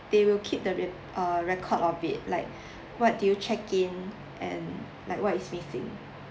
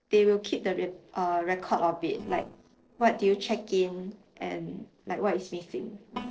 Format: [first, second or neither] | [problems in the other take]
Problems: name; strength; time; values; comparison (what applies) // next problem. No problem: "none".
first | noise reduction (neural separator model SepFormer DNS4)